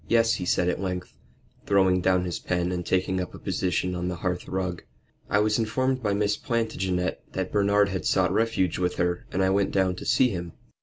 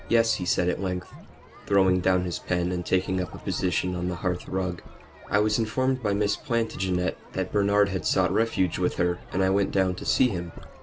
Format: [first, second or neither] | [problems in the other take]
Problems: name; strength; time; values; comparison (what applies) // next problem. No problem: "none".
first | background sound (Sink (filling or washing) / Gurgling / Liquid + Crowd); 17 dB below the speech